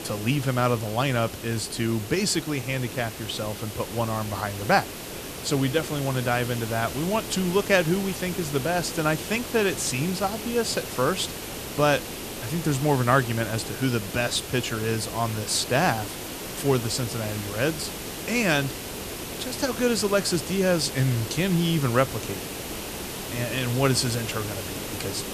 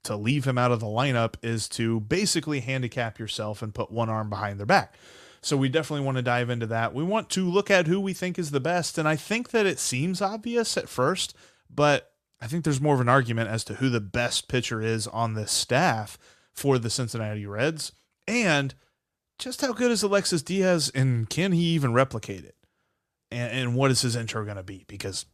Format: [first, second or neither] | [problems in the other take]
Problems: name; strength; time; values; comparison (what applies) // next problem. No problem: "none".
second | hiss; loud; throughout; 8 dB below the speech